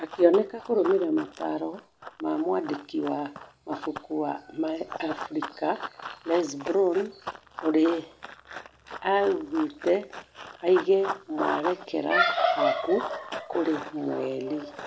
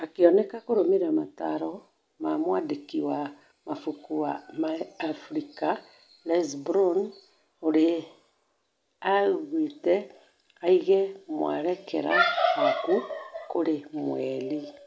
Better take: second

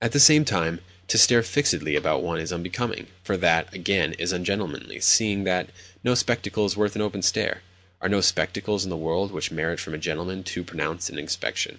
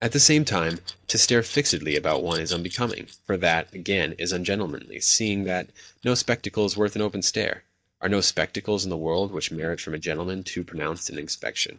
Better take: first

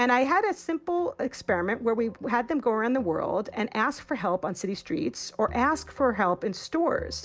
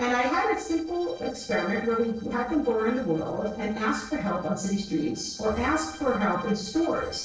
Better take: first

